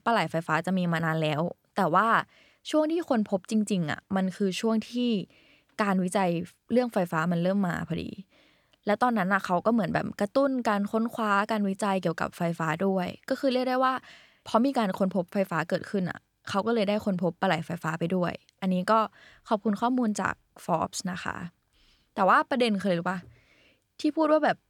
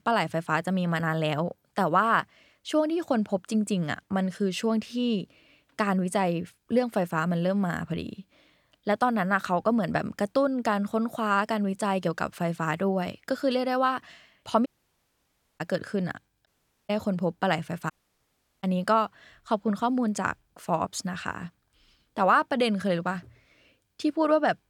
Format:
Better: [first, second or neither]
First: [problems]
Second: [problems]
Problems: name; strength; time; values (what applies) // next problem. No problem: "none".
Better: first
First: none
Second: audio cutting out; at 15 s for 1 s, at 16 s and at 18 s for 0.5 s